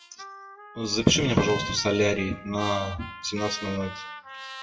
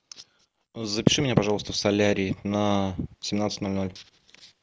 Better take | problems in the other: second | noise reduction (classical method WPE with log-MMSE)

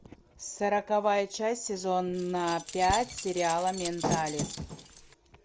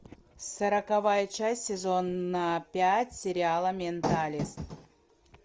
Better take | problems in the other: second | background sound (Keys jangling); 10 dB below the speech

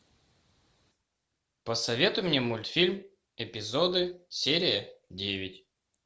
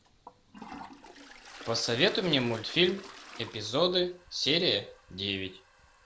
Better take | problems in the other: first | background sound (Toilet flush); 18 dB below the speech

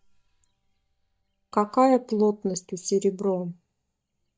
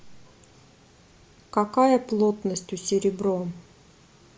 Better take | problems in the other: second | noise reduction (neural mask model DeepFilterNet 3)

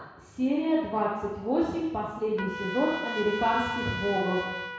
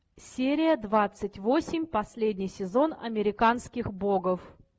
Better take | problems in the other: second | background sound (Trumpet); 9 dB below the speech // room echo; dies away in 1.1 s

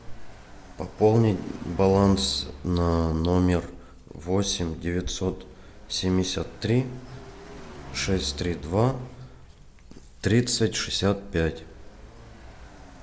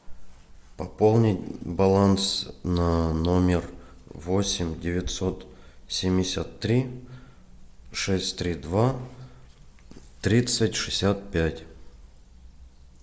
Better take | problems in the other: second | background sound (Car passing by); 18 dB below the speech

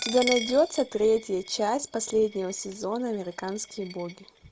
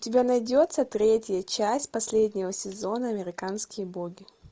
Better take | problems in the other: second | background sound (Coin (dropping)); 12 dB below the speech

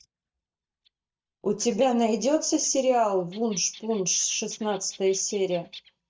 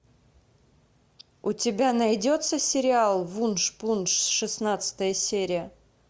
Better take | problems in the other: second | noise reduction (neural mask model DeepFilterNet 3)

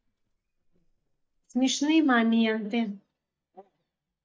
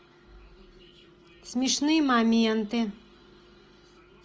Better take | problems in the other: second | noise reduction (neural mask model DeepFilterNet 3)

